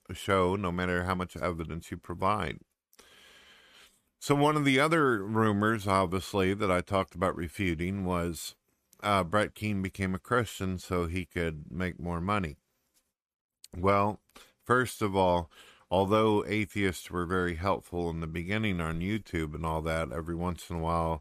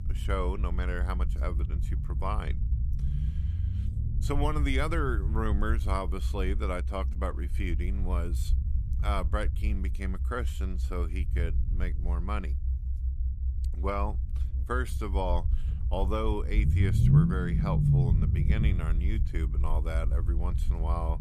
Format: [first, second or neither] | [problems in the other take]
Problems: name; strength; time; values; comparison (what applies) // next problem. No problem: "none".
first | low rumble; loud; throughout; 8 dB below the speech